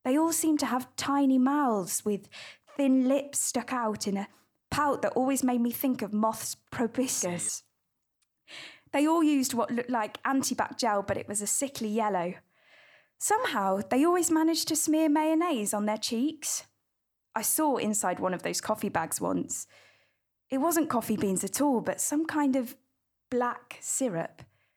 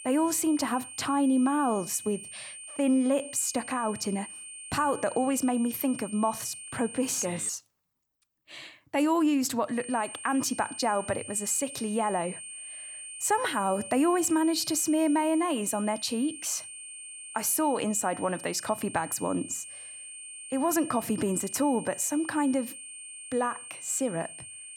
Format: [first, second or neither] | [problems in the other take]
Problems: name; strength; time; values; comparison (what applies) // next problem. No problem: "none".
first | high-pitched whine; noticeable; until 7.5 s and from 10 s on; 8.5 kHz, 10 dB below the speech